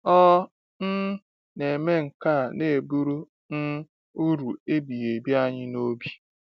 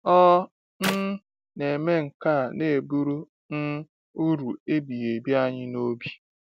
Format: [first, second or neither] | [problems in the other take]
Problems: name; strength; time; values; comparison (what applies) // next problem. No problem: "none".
first | background sound (Clapping); 10 dB below the speech